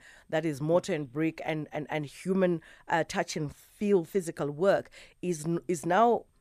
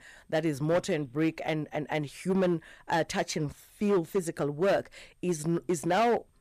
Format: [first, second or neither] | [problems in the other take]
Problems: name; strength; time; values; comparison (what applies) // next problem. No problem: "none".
first | distortion; slight; 7% of the sound clipped